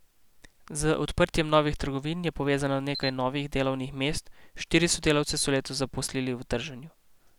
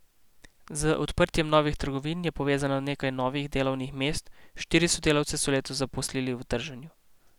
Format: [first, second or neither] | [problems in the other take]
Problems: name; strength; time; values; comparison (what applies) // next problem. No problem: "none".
second | background sound (Camera); 16 dB below the speech